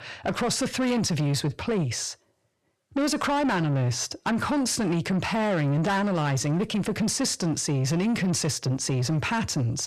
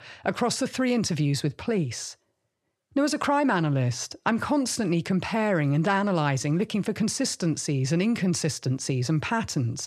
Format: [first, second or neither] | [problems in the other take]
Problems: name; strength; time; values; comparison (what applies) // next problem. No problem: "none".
second | distortion; slight; 10 dB below the speech